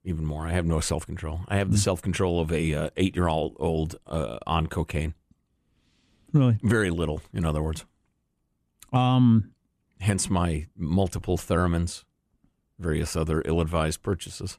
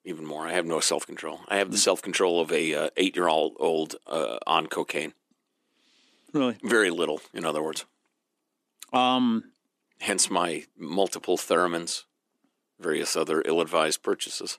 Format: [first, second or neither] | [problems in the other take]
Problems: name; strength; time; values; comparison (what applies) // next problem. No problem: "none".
first | thin; somewhat; fading below 300 Hz